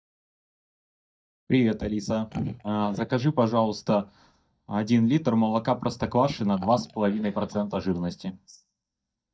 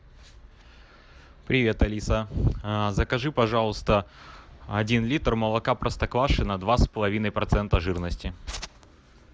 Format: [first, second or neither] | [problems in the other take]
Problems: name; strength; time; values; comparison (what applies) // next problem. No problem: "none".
second | noise reduction (neural mask model DeepFilterNet 3)